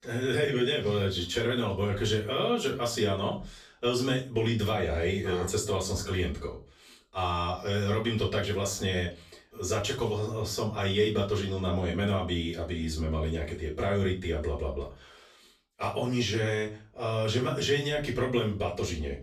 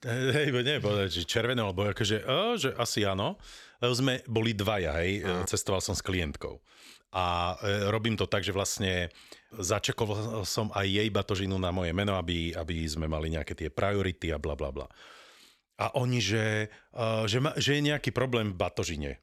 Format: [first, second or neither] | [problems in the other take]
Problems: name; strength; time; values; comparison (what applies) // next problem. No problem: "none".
second | off-mic speech; far // room echo; slight; dies away in 0.3 s